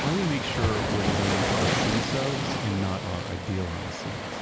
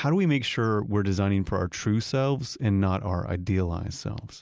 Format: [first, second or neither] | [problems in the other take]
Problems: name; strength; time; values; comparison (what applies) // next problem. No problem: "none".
second | background sound (Waves, surf); 2 dB above the speech